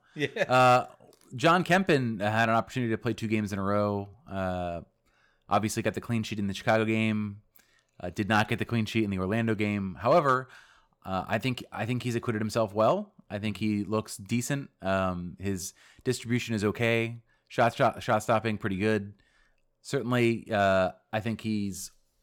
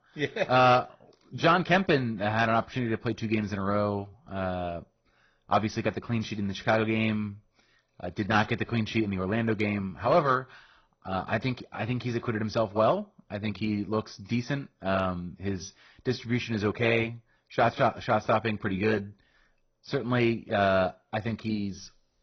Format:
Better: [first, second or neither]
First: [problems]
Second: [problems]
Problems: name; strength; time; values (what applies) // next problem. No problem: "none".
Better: first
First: none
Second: garbled, watery; badly; nothing above 6 kHz